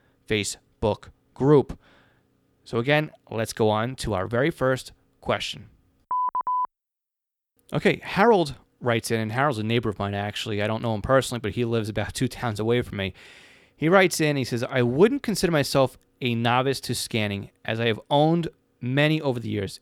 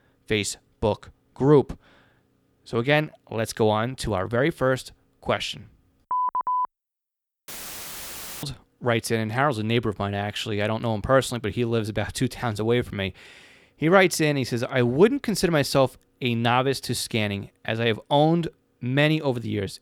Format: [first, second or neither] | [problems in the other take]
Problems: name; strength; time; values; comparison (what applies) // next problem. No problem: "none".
first | audio cutting out; filled with static; at 7.5 s for 1 s